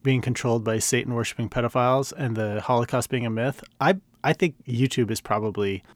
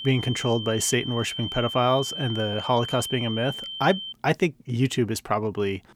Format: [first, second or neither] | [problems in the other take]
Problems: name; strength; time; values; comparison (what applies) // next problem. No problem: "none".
first | high-pitched whine; loud; until 4 s; 3 kHz, 7 dB below the speech